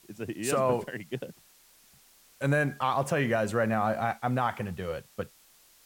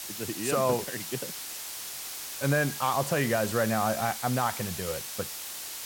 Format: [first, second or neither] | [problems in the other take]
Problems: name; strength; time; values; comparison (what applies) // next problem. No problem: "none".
first | hiss; loud; throughout; 6 dB below the speech; faint in the first